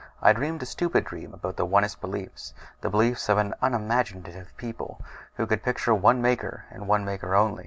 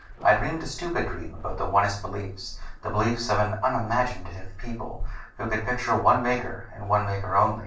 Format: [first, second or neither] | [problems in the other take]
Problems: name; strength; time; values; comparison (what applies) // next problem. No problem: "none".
first | noise reduction (neural separator model SepFormer DNS4)